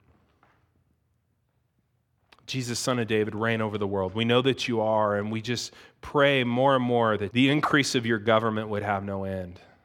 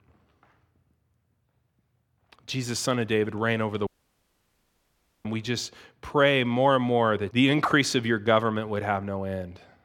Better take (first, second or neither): first